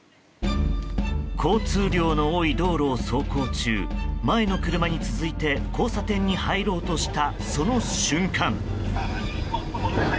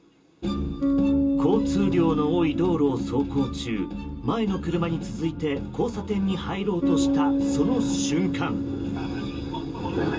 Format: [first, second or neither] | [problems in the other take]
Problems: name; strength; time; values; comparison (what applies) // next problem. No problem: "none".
first | background sound (Bass guitar); 2 dB below the speech // room echo; dies away in 0.2 s